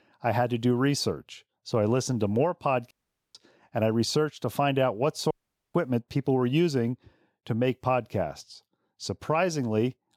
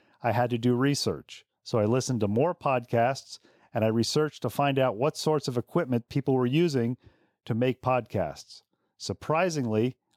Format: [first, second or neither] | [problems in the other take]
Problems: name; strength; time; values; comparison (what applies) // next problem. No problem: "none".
second | audio cutting out; at 3 s and at 5.5 s